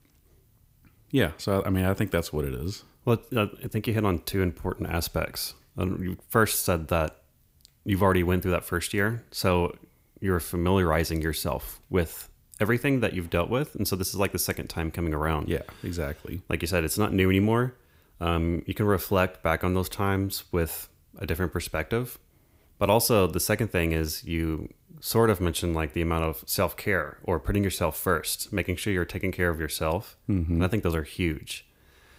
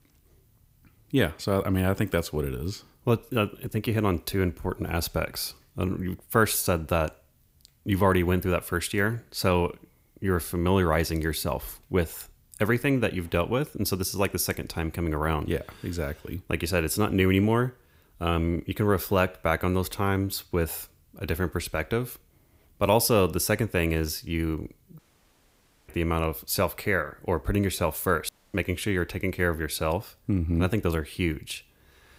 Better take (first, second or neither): first